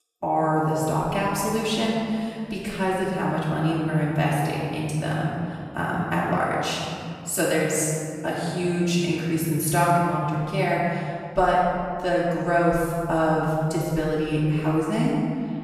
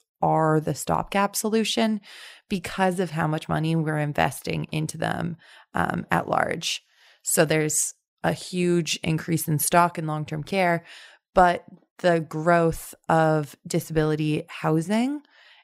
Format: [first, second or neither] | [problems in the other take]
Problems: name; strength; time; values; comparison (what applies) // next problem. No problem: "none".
second | room echo; strong; dies away in 2.4 s // off-mic speech; far